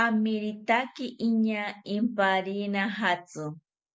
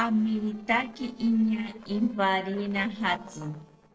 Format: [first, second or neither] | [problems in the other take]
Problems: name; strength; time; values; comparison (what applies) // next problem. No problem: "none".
first | noise reduction (neural separator model SepFormer DNS4)